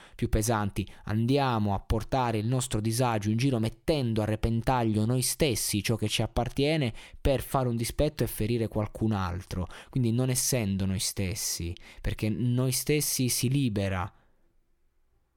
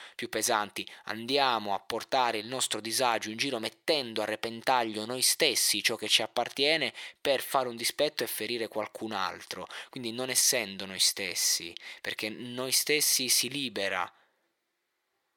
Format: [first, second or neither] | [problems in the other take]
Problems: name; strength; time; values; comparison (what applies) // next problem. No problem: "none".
first | thin; very; fading below 500 Hz